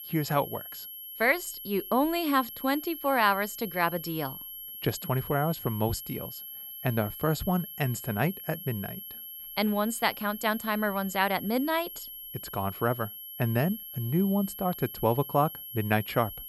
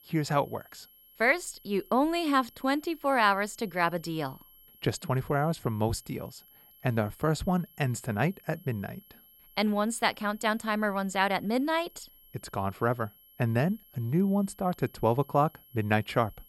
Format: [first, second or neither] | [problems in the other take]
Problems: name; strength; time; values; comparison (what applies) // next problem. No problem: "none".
second | high-pitched whine; loud; throughout; 11.5 kHz, 10 dB below the speech; faint in the second